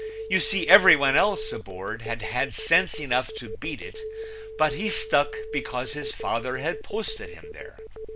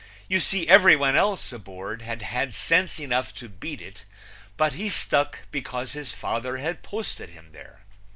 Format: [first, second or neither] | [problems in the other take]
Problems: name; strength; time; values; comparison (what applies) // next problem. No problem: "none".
second | background sound (Telephone); 12 dB below the speech